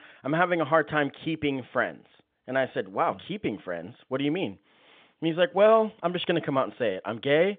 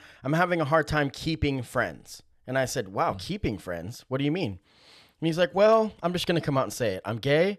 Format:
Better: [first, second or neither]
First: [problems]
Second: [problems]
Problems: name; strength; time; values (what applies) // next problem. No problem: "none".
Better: second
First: phone-call audio; nothing above 3.5 kHz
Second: none